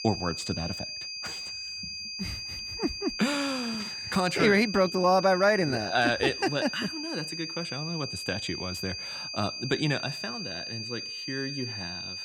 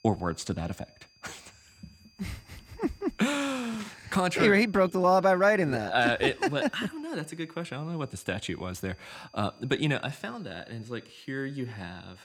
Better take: second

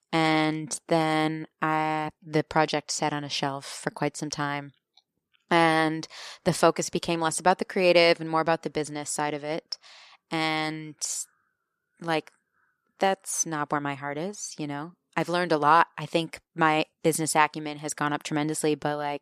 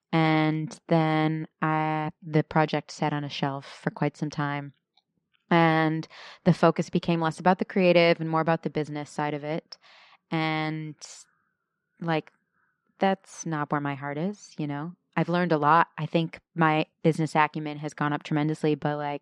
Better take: first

